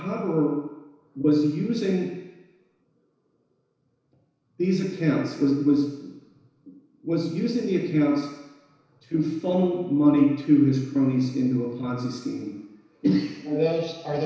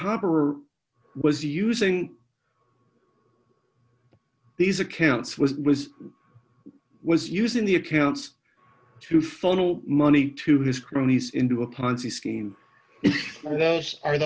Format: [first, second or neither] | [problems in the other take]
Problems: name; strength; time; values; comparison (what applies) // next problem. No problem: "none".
second | room echo; dies away in 1 s